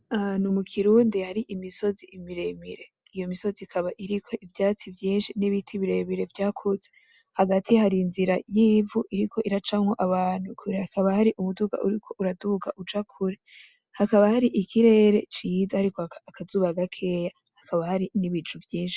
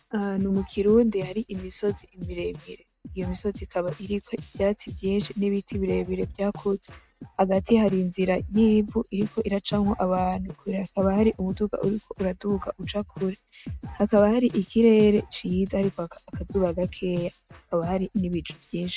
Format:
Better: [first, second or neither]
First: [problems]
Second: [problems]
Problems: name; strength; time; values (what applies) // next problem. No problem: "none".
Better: first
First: none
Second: noise reduction (neural mask model RNNoise)